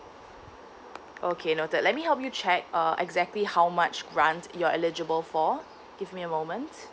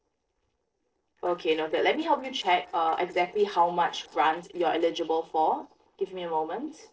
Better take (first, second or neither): first